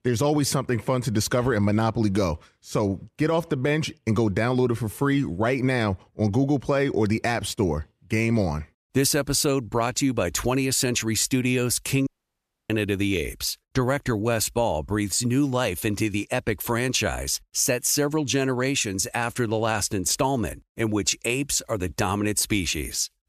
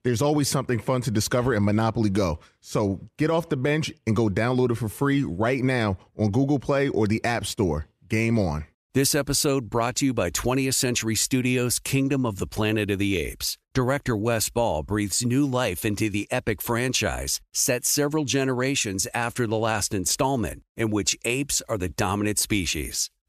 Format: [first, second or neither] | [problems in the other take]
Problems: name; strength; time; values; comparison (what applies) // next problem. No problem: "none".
second | audio cutting out; at 12 s for 0.5 s